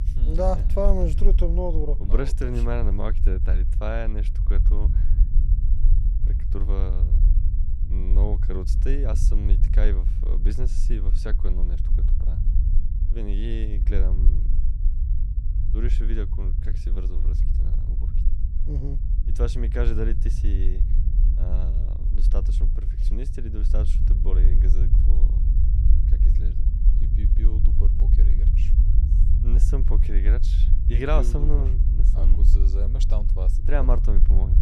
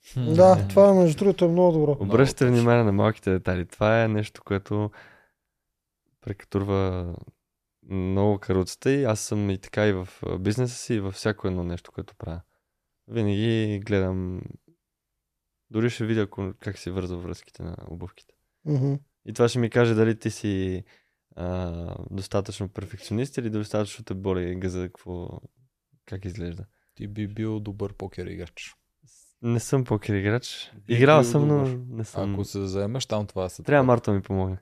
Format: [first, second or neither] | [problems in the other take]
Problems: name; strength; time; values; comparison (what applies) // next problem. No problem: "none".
second | low rumble; loud; throughout; 10 dB below the speech